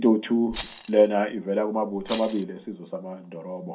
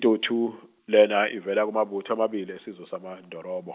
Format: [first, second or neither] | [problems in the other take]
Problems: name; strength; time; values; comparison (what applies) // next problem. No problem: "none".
second | background sound (Rattle); 17 dB below the speech // room echo; dies away in 0.3 s